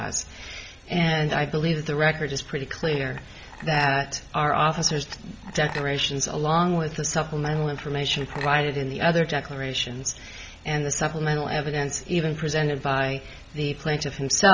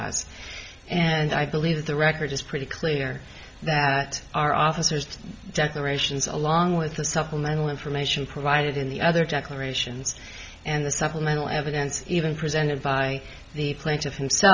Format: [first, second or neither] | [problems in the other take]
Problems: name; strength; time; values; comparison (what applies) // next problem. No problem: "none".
second | background sound (Chink, clink); 15 dB below the speech